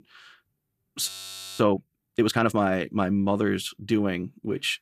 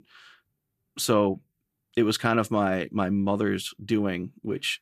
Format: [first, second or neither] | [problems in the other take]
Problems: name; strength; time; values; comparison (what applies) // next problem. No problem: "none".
second | audio freezing; at 1 s for 0.5 s